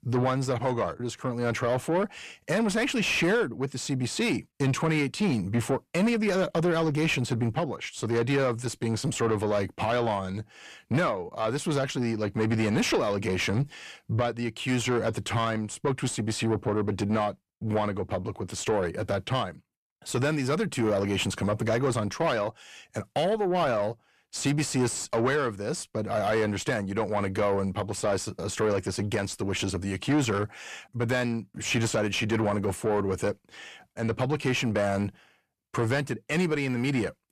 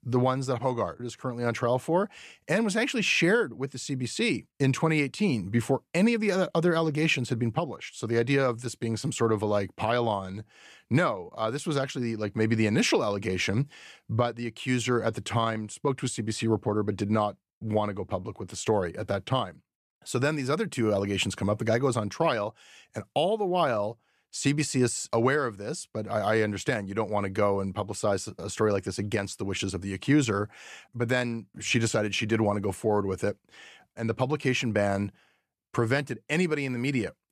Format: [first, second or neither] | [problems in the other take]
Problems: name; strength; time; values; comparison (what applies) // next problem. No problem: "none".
second | distortion; slight; 10 dB below the speech